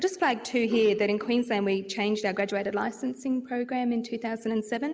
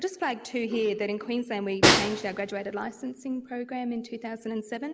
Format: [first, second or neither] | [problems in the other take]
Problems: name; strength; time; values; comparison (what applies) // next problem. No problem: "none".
first | background sound (Snare drum); 3 dB above the speech